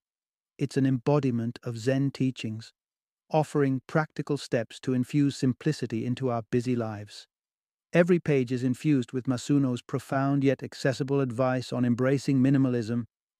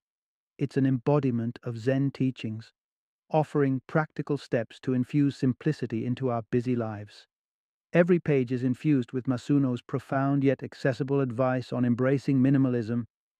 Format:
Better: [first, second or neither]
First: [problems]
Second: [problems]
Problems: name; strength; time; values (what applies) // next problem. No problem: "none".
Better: first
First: none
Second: muffled; slightly; fading above 4 kHz